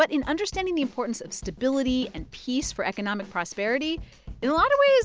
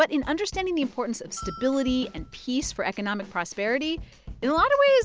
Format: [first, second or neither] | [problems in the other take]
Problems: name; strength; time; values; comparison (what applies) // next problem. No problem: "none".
first | background sound (Bell); 18 dB below the speech